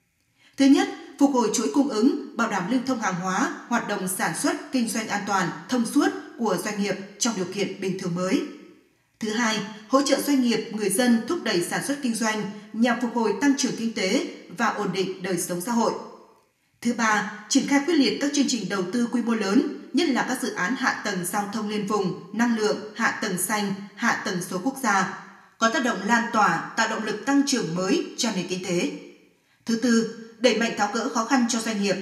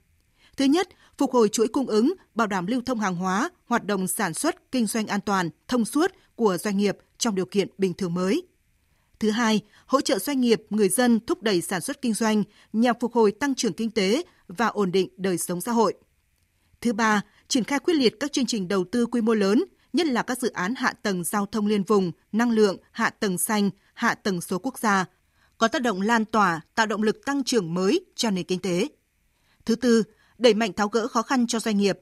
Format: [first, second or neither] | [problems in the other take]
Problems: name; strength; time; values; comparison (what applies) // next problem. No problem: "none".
second | room echo; very slight; dies away in 0.7 s